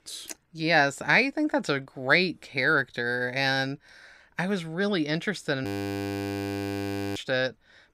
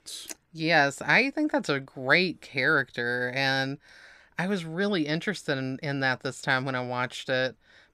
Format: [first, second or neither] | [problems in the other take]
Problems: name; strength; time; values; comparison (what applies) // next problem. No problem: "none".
second | audio freezing; at 5.5 s for 1.5 s